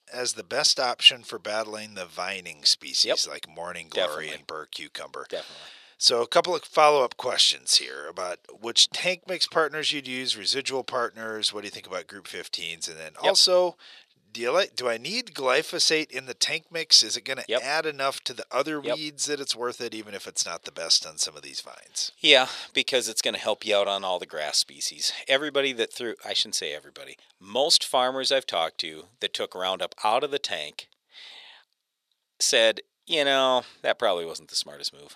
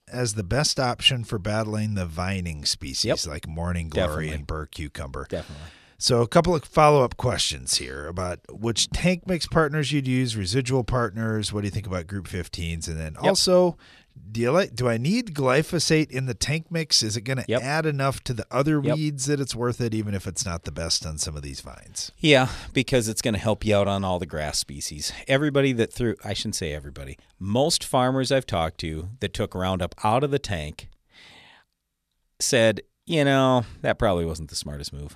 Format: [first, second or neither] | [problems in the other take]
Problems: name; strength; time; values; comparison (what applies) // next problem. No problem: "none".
second | thin; very; fading below 500 Hz